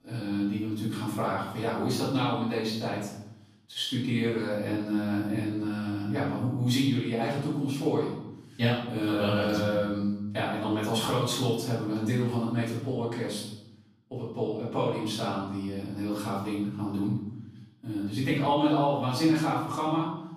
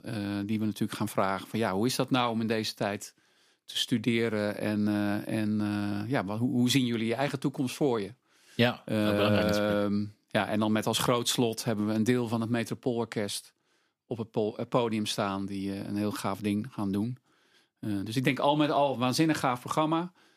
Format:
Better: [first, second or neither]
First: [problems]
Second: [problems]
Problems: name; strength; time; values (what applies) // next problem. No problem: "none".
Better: second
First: off-mic speech; far // room echo; noticeable; dies away in 0.9 s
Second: none